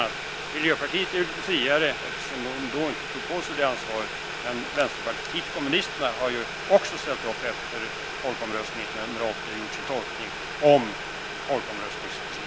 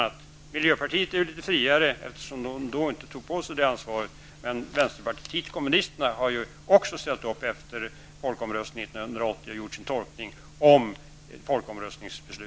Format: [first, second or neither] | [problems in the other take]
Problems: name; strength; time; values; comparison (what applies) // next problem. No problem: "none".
second | background sound (Boiling); 6 dB below the speech